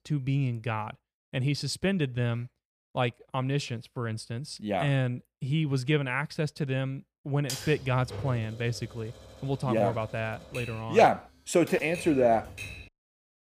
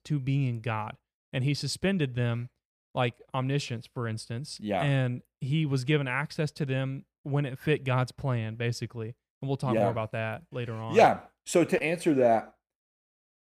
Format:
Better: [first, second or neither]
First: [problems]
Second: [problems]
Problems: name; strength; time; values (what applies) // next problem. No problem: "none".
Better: second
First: keyboard typing; noticeable; from 7.5 to 13 s; peak 7 dB below the speech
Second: none